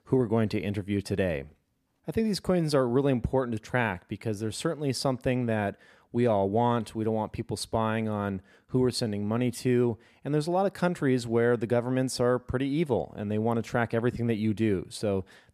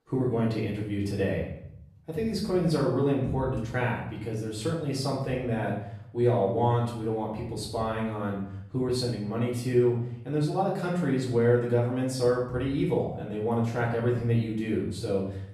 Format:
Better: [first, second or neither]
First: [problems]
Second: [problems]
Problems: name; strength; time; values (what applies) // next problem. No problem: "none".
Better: first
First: none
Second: off-mic speech; far // room echo; noticeable; dies away in 0.8 s